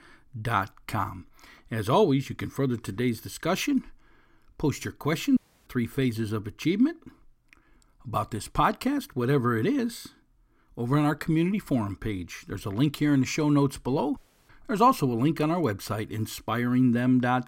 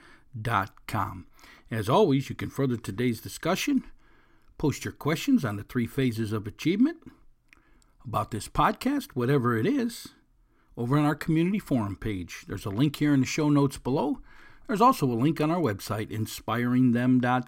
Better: second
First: audio cutting out; at 5.5 s and at 14 s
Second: none

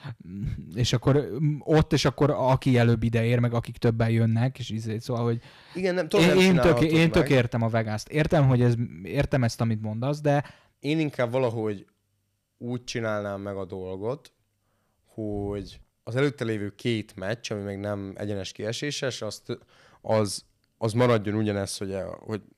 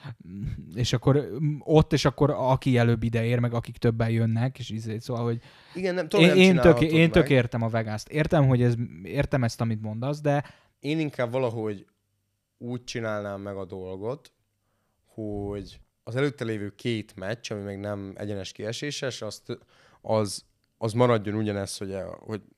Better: second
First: distortion; slight; 2% of the sound clipped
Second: none

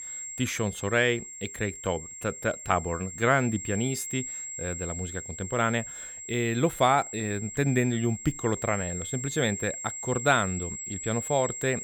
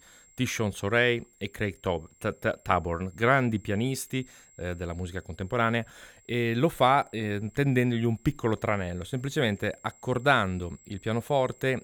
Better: second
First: high-pitched whine; loud; throughout; 7.5 kHz, 8 dB below the speech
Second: high-pitched whine; faint; throughout; 7.5 kHz, 30 dB below the speech

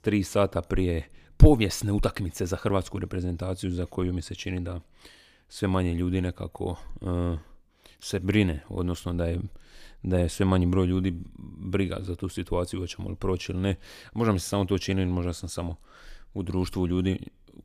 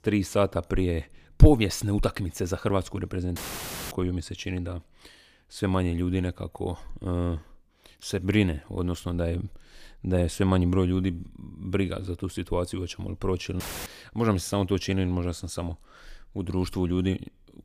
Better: first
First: none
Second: audio cutting out; filled with static; at 3.5 s for 0.5 s and at 14 s

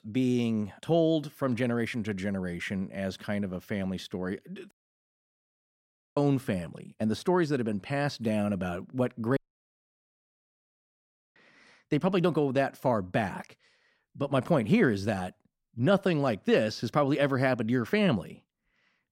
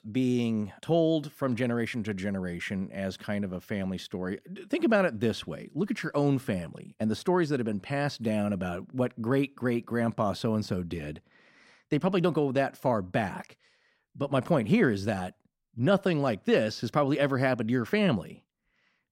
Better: second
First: audio cutting out; at 4.5 s for 1.5 s and at 9.5 s for 2 s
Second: none

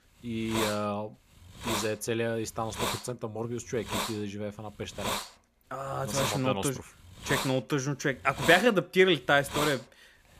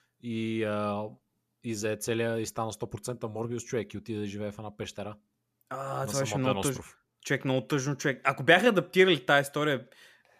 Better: second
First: hiss; loud; throughout; 5 dB below the speech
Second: none

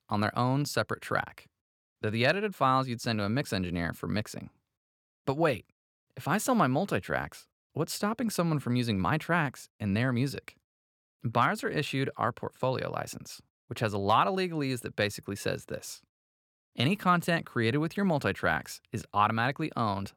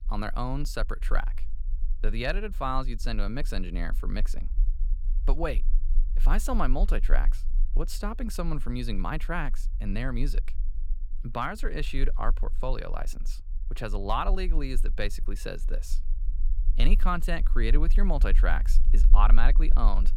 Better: first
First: none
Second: low rumble; faint; throughout; 25 dB below the speech

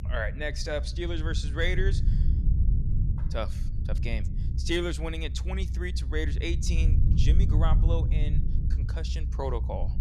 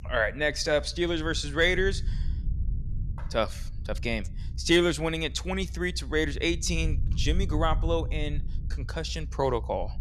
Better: second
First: low rumble; loud; throughout; 10 dB below the speech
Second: low rumble; faint; throughout; 25 dB below the speech

